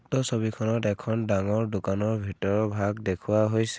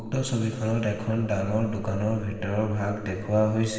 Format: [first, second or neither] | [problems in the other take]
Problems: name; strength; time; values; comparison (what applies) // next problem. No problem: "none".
first | background sound (Chewing, mastication / Livestock, farm animals, working animals); 18 dB below the speech // room echo; dies away in 1.7 s